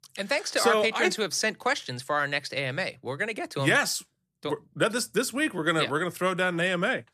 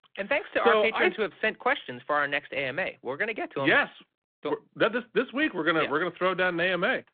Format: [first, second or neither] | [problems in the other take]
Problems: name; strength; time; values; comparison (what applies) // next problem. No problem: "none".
first | phone-call audio